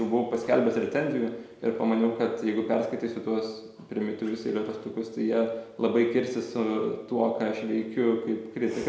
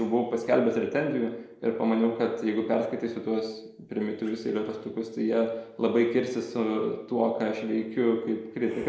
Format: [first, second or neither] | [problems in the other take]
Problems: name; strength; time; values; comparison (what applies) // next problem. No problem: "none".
first | noise reduction (neural mask model Resemble Enhance denoiser)